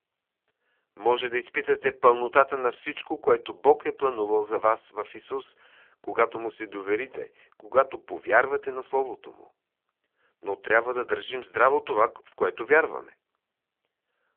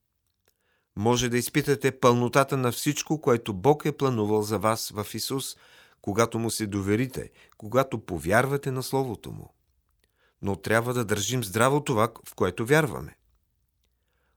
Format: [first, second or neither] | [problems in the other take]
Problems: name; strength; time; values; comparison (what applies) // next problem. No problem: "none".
second | phone-call audio; poor line; nothing above 3.5 kHz